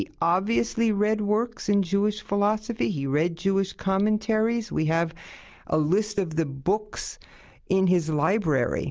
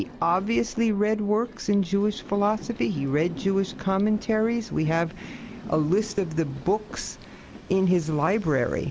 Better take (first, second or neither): first